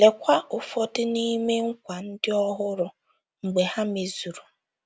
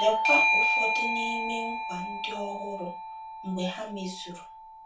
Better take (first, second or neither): first